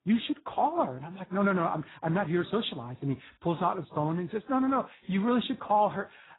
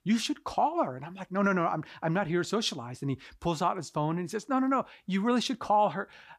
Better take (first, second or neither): second